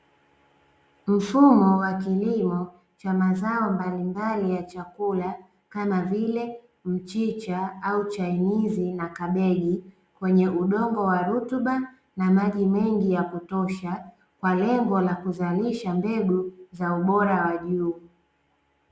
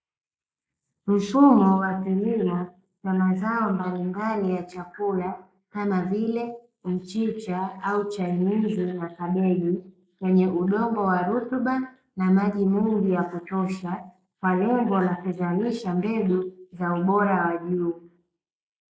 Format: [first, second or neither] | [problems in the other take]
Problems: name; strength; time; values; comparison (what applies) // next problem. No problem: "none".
first | noise reduction (neural mask model Resemble Enhance denoiser)